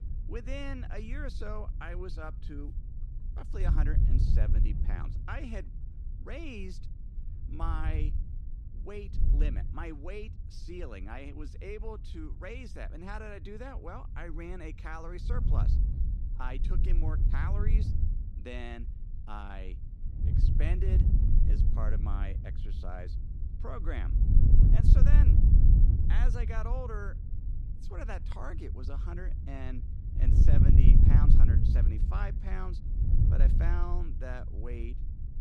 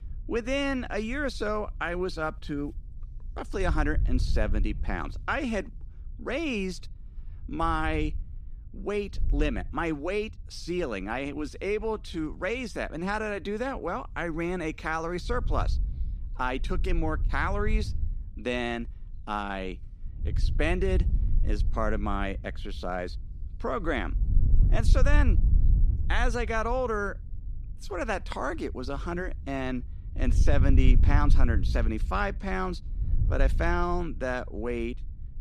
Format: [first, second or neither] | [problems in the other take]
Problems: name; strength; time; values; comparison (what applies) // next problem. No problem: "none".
second | wind noise on the microphone; heavy; 1 dB below the speech; occasional gusts in the second